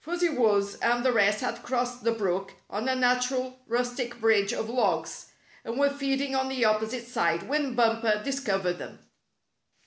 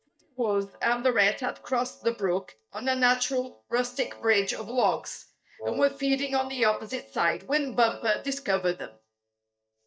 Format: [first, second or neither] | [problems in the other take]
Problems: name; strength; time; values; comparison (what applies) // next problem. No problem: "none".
first | noise reduction (neural mask model DeepFilterNet 3)